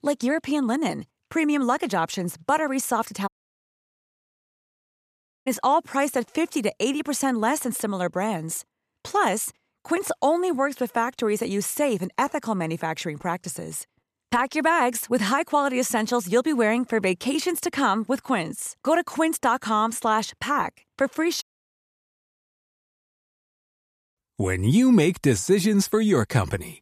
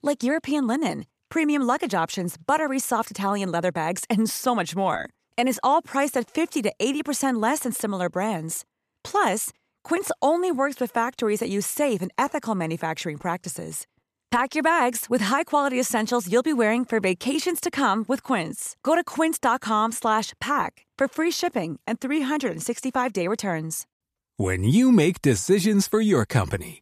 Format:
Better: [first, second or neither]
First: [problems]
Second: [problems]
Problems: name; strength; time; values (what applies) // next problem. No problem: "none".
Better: second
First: audio cutting out; at 3.5 s for 2 s and at 21 s for 2.5 s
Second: none